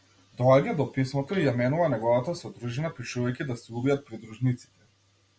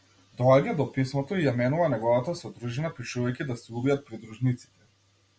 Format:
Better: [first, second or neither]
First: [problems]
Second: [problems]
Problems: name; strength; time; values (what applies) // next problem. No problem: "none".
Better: second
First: background sound (Bowed string instrument); 17 dB below the speech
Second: none